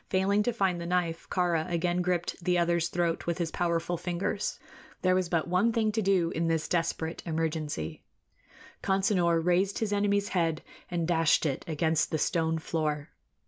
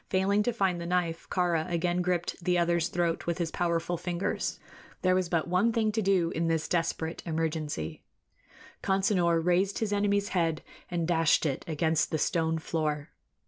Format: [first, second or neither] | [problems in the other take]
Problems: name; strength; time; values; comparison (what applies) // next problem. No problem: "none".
first | noise reduction (neural separator model SepFormer DNS4)